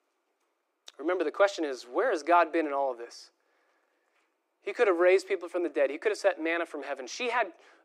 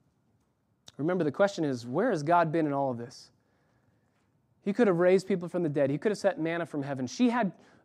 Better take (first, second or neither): second